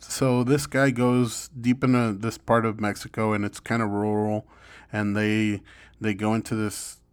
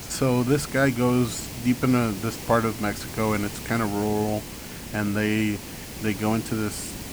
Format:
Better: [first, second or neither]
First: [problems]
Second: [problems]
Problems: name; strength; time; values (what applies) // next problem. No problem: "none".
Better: first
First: none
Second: hiss; noticeable; throughout; 10 dB below the speech